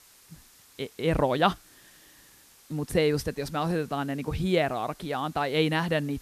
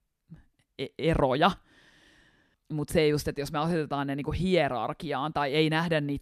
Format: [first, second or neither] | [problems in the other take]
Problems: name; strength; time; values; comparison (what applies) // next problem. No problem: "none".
second | hiss; faint; throughout; 25 dB below the speech